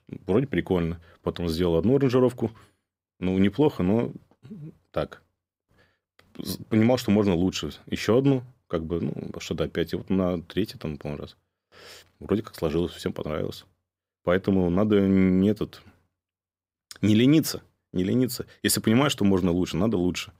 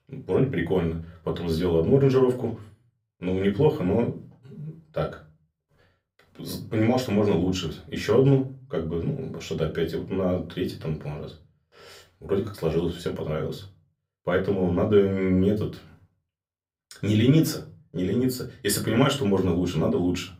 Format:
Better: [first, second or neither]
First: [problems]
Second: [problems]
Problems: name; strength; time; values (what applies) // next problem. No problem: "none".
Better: first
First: none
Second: off-mic speech; somewhat distant // room echo; very slight; dies away in 0.3 s